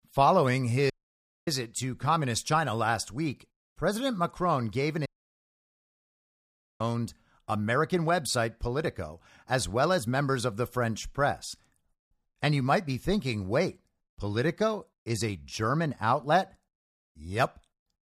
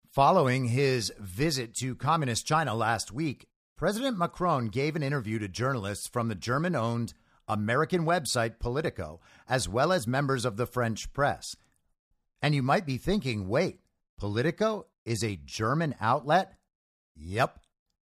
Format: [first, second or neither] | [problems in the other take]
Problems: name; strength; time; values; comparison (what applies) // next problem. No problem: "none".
second | audio cutting out; at 1 s for 0.5 s and at 5 s for 1.5 s